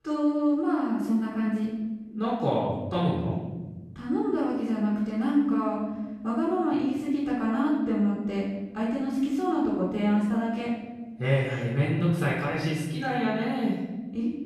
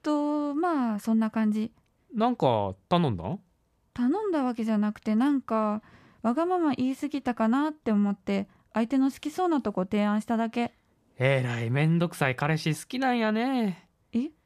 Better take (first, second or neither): second